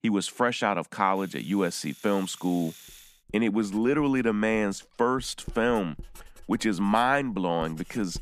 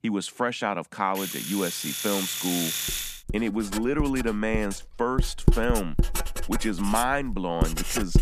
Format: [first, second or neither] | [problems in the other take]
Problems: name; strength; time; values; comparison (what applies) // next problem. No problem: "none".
first | household noises; loud; throughout; 2 dB below the speech; faint in the first